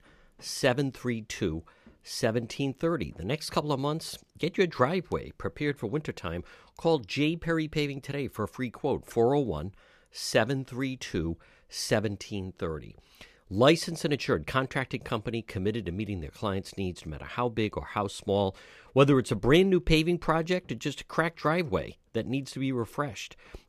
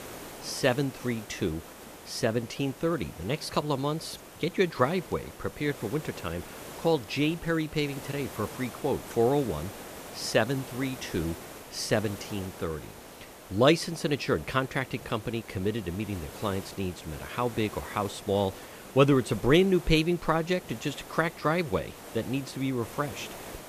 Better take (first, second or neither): first